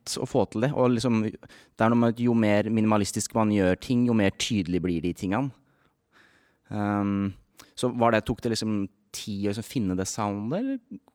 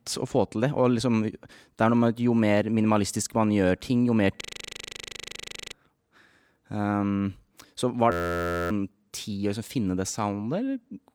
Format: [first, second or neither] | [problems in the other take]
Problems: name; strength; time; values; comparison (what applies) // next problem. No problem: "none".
first | audio freezing; at 4.5 s for 1.5 s and at 8 s for 0.5 s